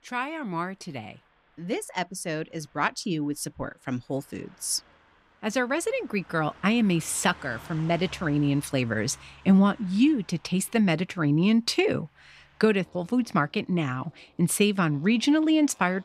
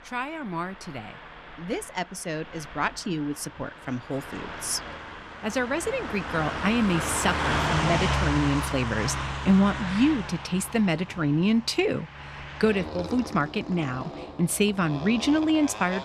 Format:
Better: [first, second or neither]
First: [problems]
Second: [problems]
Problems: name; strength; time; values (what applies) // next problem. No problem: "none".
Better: first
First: traffic noise; faint; throughout; 25 dB below the speech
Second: traffic noise; loud; throughout; 5 dB below the speech